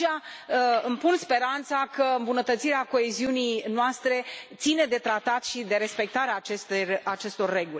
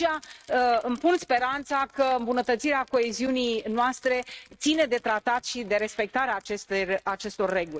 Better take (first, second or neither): first